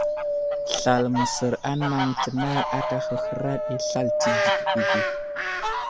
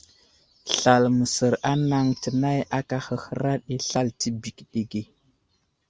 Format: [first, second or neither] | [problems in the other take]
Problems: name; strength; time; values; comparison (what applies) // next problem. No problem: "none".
second | background sound (Fowl + Wind); 2 dB above the speech